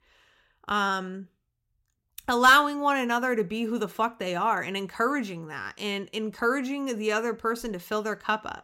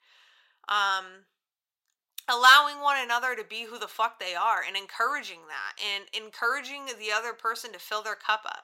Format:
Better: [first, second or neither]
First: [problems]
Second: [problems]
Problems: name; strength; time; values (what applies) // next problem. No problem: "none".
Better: first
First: none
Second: thin; very; fading below 900 Hz